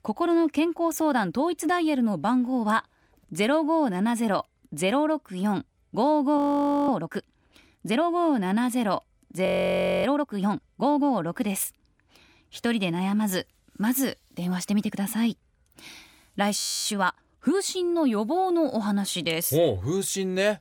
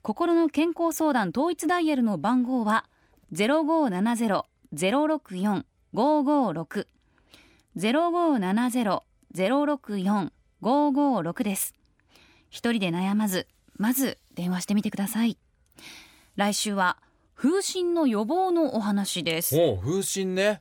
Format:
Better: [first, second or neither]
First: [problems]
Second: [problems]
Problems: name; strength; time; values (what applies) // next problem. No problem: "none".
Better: second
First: audio freezing; at 6.5 s for 0.5 s, at 9.5 s for 0.5 s and at 17 s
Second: none